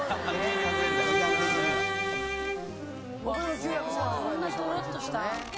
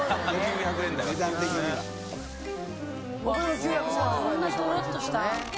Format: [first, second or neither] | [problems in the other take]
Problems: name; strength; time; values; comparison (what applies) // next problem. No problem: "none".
second | background sound (Bowed string instrument); 2 dB above the speech